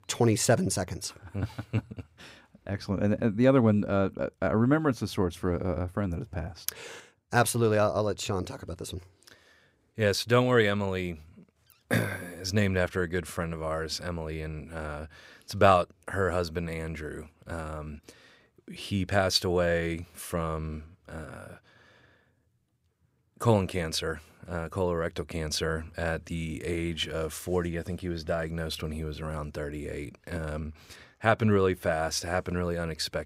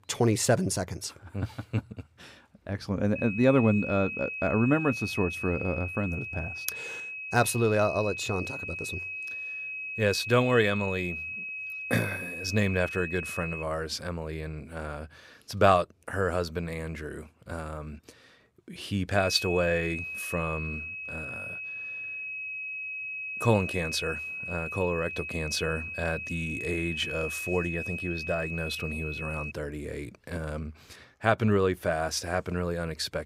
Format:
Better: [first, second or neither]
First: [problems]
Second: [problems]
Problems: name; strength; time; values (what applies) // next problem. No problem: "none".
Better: first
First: none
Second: high-pitched whine; loud; from 3 to 14 s and from 19 to 30 s; 2.5 kHz, 5 dB below the speech